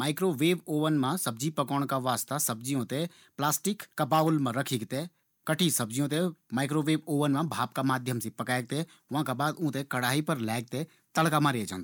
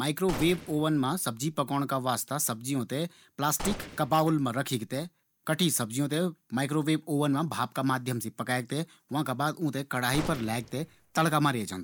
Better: first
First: none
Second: background sound (Gunshot, gunfire); 12 dB below the speech

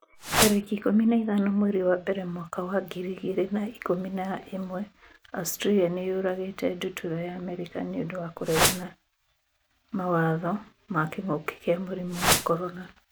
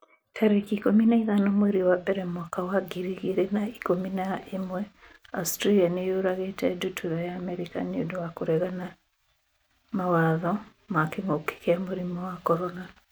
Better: second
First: background sound (Whoosh, swoosh, swish); 3 dB above the speech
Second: none

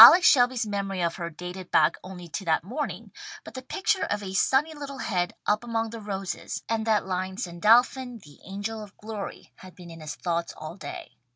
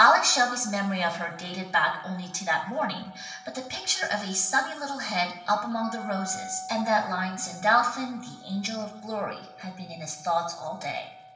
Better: first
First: none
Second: background sound (Wind instrument, woodwind instrument); 17 dB below the speech // room echo; dies away in 0.9 s

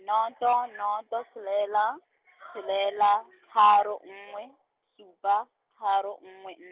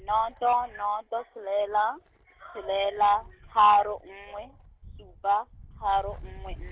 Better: first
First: none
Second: background sound (Wind); 19 dB below the speech

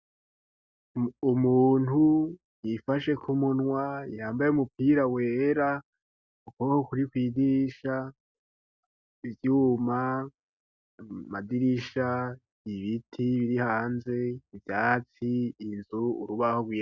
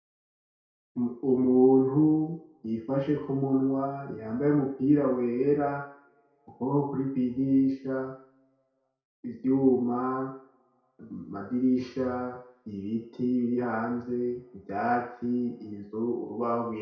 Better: first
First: none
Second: room echo; dies away in 0.6 s

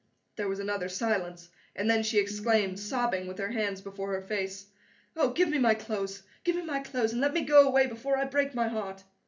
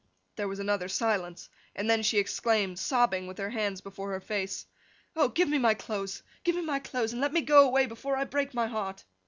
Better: second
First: background sound (Piano); 18 dB below the speech // room echo; dies away in 0.3 s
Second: none

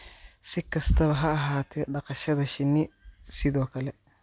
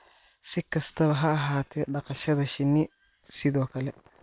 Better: first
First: none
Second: noise reduction (neural separator model SepFormer WHAM!)

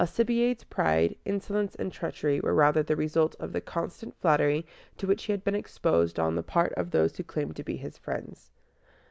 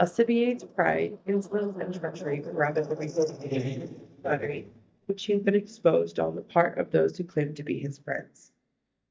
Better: first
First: none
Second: noise reduction (neural mask model DeepFilterNet 3)

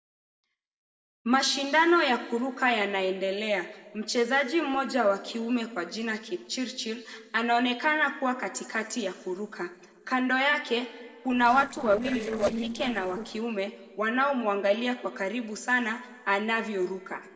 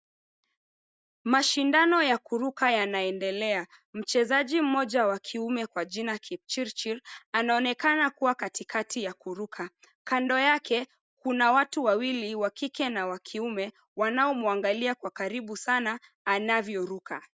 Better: second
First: noise reduction (neural separator model SepFormer DNS4)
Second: none

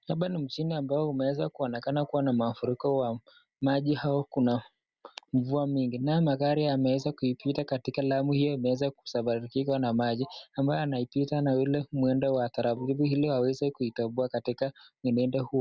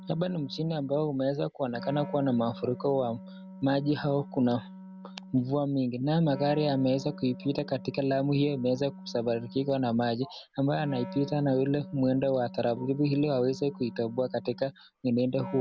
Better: first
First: none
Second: background sound (Wind instrument, woodwind instrument); 15 dB below the speech

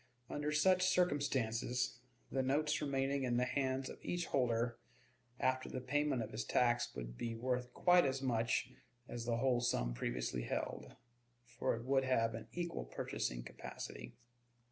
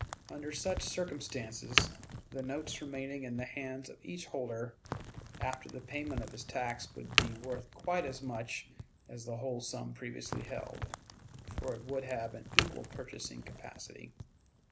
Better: first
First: none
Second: background sound (Crack); as loud as the speech

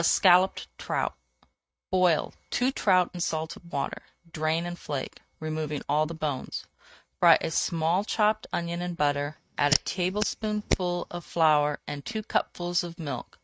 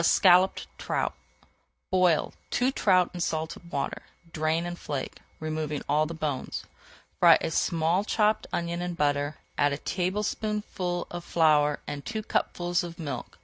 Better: second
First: noise reduction (neural mask model RNNoise)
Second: none

